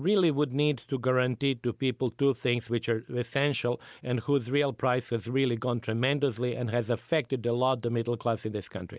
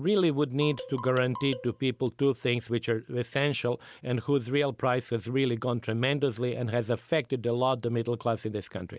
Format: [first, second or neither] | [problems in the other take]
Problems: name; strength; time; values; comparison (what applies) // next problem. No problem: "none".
first | background sound (Marimba, xylophone); 14 dB below the speech